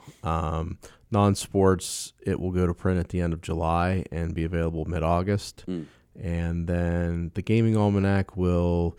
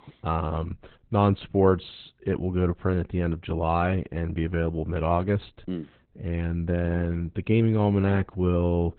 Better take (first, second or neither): first